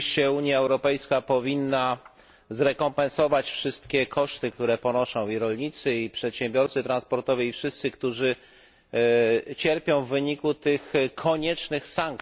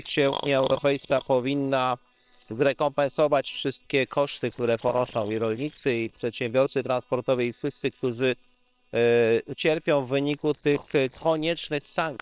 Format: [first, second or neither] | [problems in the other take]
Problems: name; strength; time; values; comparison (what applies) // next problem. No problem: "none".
first | noise reduction (neural separator model SepFormer WHAM!)